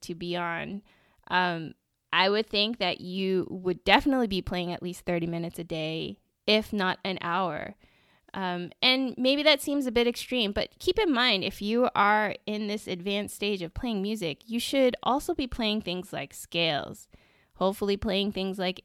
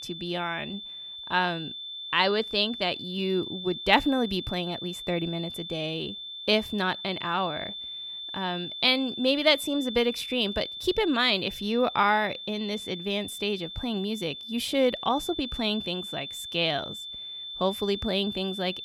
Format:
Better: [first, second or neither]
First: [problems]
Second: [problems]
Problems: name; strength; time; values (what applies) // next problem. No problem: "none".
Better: first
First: none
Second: high-pitched whine; loud; throughout; 3.5 kHz, 8 dB below the speech